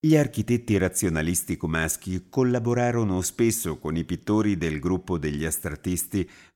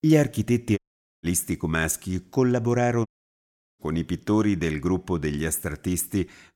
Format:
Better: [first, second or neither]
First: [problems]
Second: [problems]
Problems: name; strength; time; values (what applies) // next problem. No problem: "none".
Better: first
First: none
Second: audio cutting out; at 1 s and at 3 s for 0.5 s